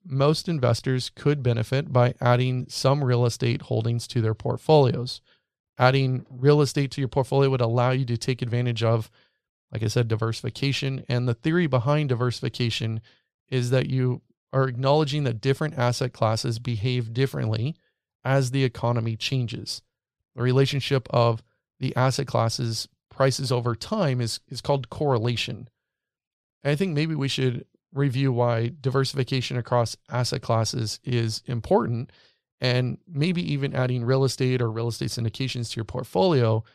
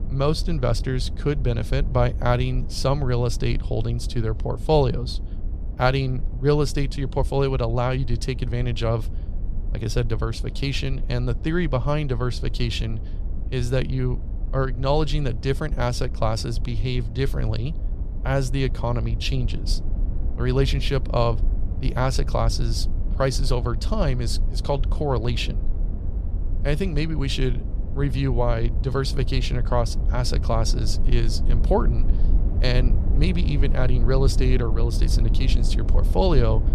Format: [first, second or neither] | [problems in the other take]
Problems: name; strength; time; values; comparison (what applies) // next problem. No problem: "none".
first | low rumble; noticeable; throughout; 15 dB below the speech